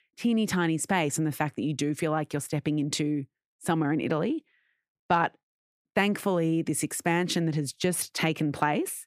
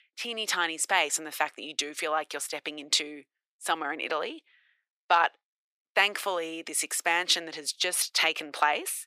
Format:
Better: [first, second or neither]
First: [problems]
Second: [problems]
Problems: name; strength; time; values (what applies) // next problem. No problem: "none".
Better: first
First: none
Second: thin; very; fading below 550 Hz